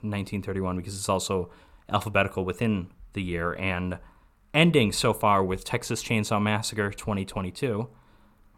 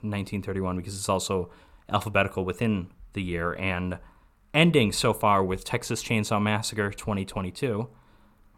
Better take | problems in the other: neither | none

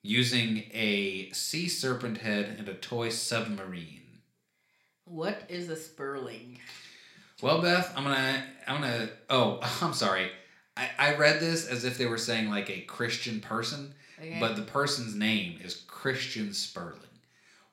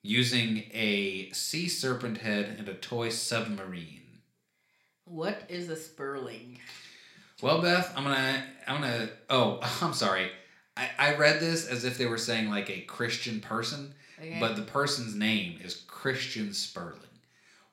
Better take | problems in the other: neither | room echo; very slight; dies away in 0.4 s; the same in both

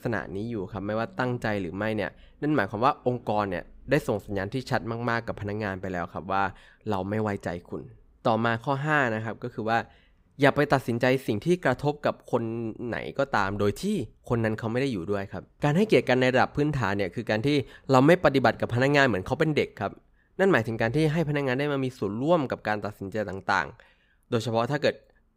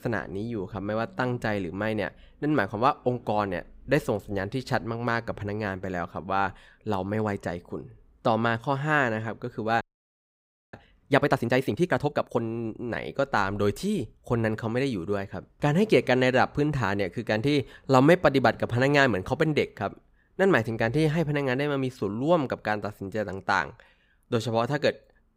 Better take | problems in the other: first | audio freezing; at 10 s for 1 s

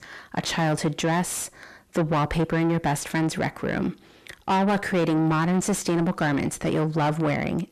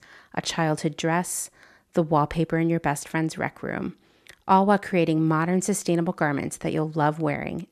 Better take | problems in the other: second | distortion; heavy; 6 dB below the speech

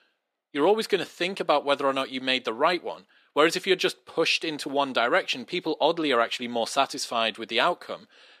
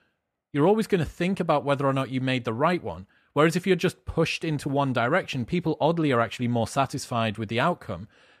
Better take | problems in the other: second | thin; somewhat; fading below 300 Hz

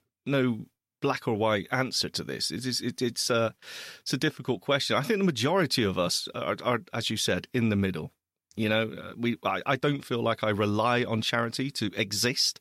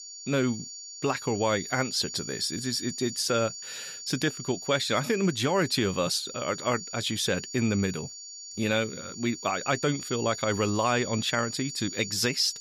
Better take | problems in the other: first | high-pitched whine; loud; throughout; 7 kHz, 9 dB below the speech

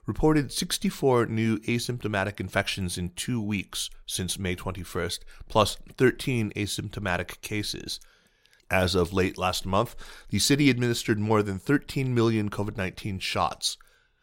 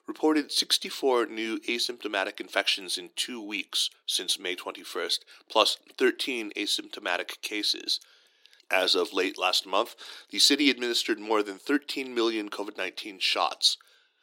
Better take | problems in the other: first | thin; somewhat; fading below 300 Hz

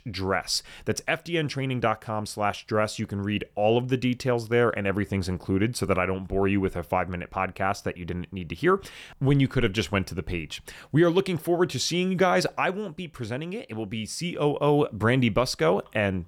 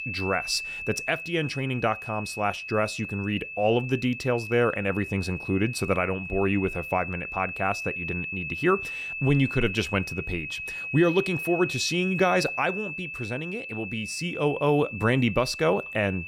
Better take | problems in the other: first | high-pitched whine; loud; throughout; 2.5 kHz, 6 dB below the speech

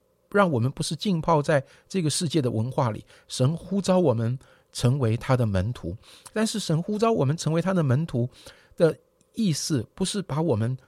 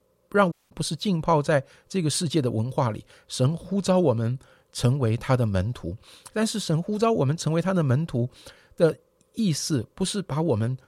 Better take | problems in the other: first | audio cutting out; at 0.5 s

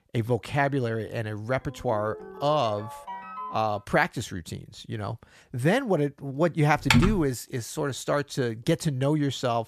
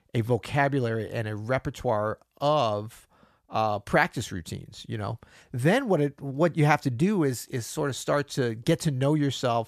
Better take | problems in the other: second | phone ringing; noticeable; from 1.5 to 4 s; peak 10 dB below the speech // keyboard typing; loud; at 7 s; peak 5 dB above the speech

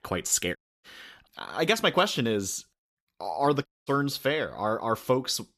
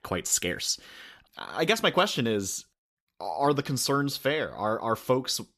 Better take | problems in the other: second | audio cutting out; at 0.5 s and at 3.5 s

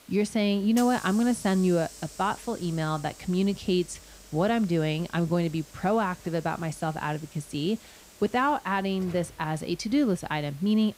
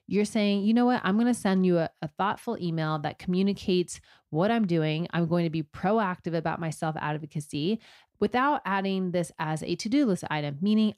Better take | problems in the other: second | hiss; noticeable; throughout; 20 dB below the speech

